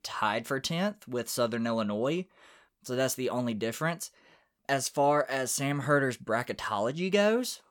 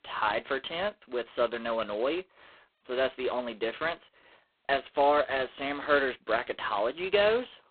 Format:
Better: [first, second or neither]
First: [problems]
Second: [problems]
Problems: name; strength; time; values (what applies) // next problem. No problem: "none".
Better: first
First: none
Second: phone-call audio; poor line; nothing above 4 kHz